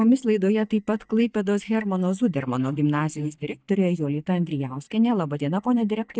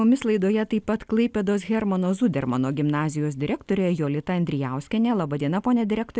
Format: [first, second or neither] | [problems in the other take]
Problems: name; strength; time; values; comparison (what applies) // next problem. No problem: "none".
second | noise reduction (neural mask model DeepFilterNet 3)